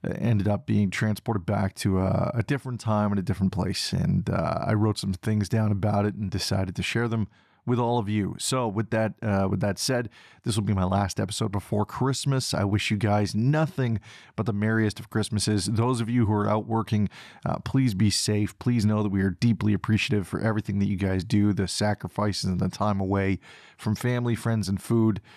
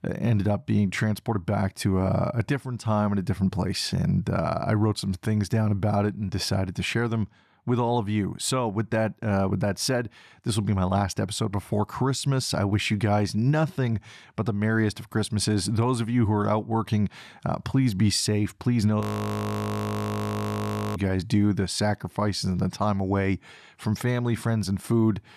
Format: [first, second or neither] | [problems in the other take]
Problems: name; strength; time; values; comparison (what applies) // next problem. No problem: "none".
first | audio freezing; at 19 s for 2 s